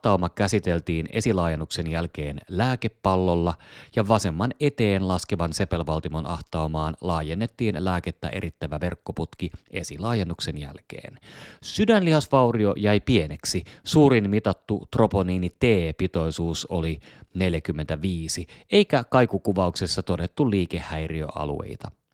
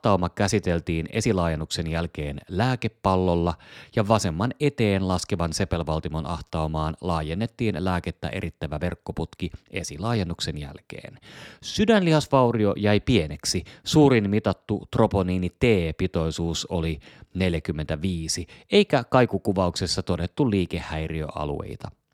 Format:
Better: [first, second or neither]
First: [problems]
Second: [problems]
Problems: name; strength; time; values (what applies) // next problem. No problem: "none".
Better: second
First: garbled, watery; slightly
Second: none